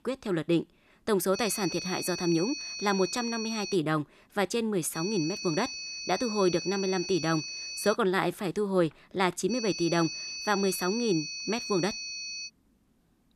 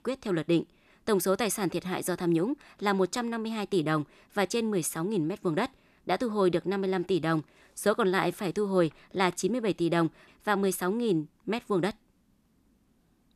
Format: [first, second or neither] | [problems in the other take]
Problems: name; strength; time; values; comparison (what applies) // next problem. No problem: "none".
second | high-pitched whine; loud; from 1.5 to 4 s, from 5 to 8 s and from 9.5 to 12 s; 4.5 kHz, 6 dB below the speech